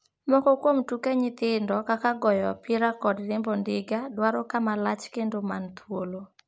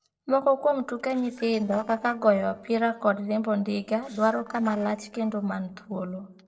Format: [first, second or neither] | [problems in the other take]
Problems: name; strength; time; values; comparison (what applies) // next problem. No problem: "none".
first | noise reduction (neural separator model SepFormer DNS4)